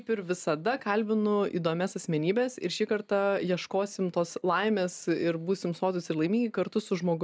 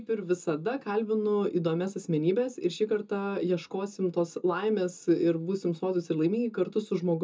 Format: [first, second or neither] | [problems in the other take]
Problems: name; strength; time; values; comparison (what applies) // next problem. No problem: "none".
first | room echo; dies away in 0.2 s